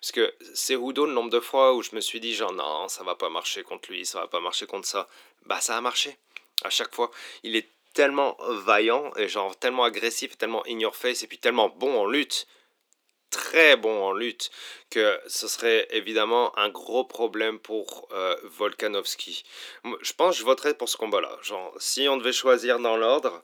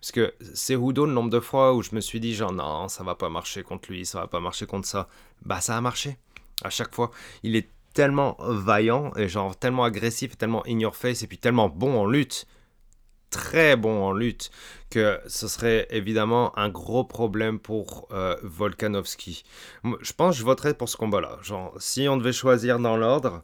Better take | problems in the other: second | thin; somewhat; fading below 300 Hz

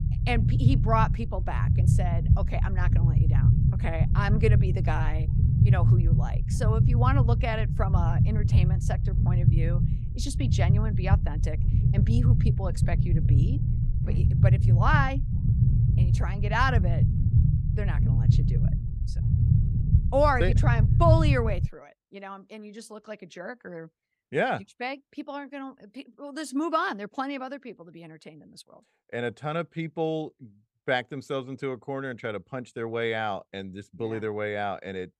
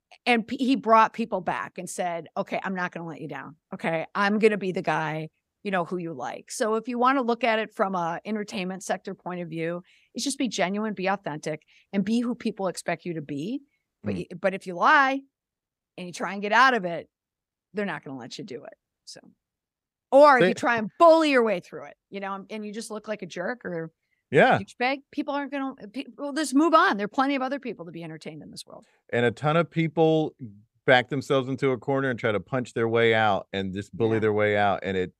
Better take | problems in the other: second | low rumble; loud; until 22 s; 6 dB below the speech

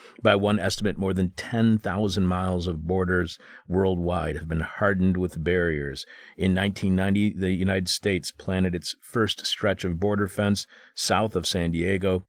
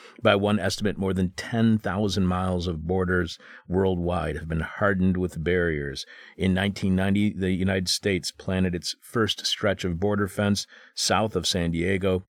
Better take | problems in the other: second | garbled, watery; slightly

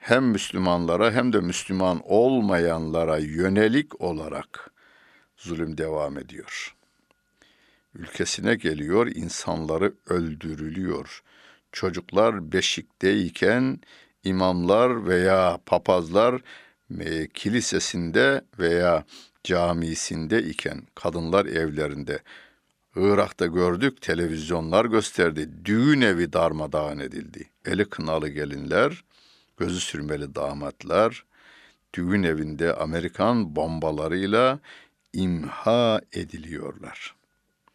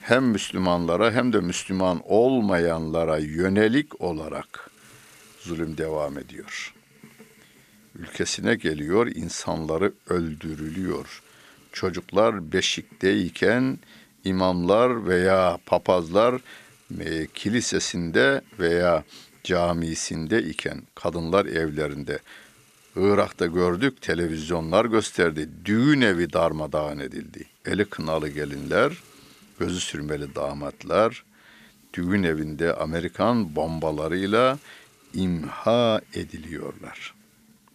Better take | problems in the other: first | hiss; faint; throughout; 30 dB below the speech

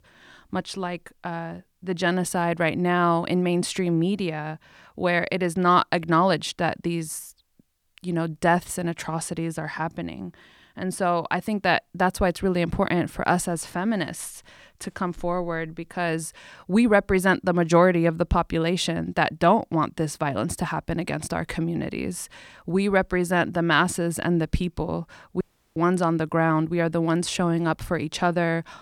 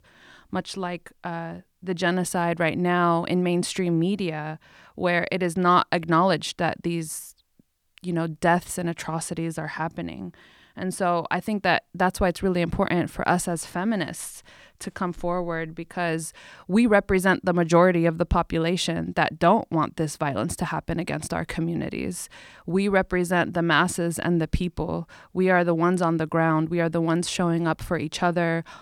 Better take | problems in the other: second | audio cutting out; at 25 s

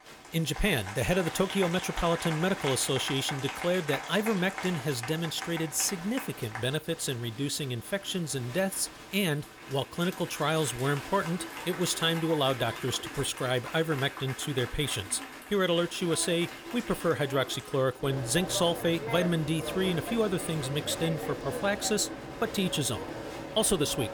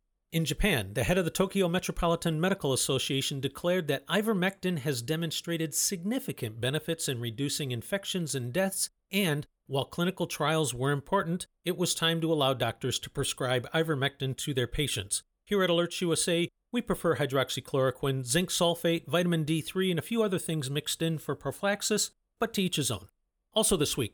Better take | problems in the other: second | crowd noise; loud; throughout; 9 dB below the speech

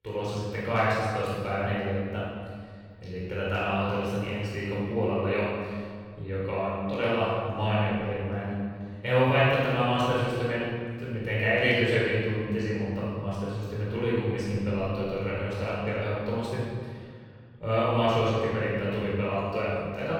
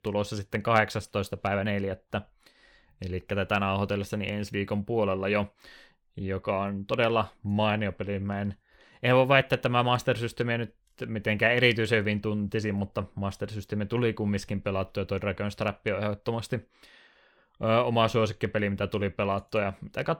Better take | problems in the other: second | room echo; strong; dies away in 1.8 s // off-mic speech; far

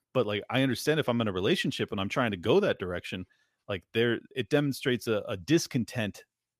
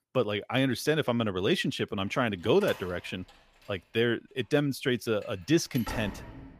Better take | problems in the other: first | door banging; noticeable; from 2.5 s on; peak 9 dB below the speech

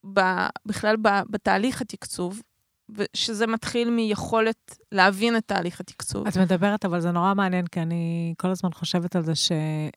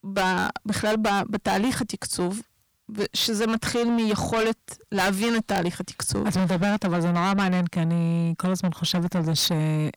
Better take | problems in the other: first | distortion; heavy; 6 dB below the speech

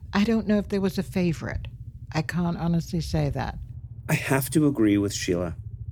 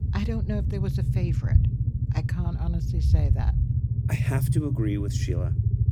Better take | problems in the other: first | low rumble; loud; throughout; 1 dB below the speech; faint in the first

